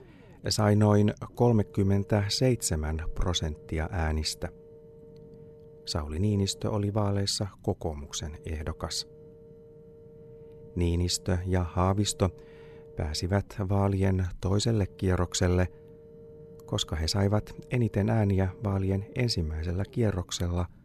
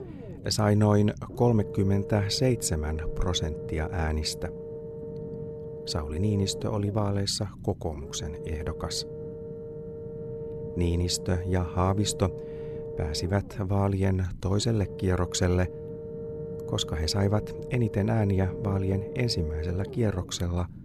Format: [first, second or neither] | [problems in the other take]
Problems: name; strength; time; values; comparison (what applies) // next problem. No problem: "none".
first | low rumble; loud; throughout; 8 dB below the speech; faint in the first